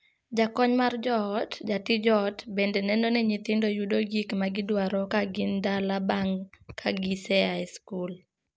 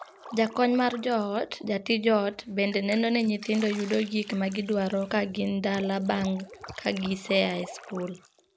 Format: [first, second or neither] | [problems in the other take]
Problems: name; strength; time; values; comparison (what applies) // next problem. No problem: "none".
first | background sound (Drip); 20 dB below the speech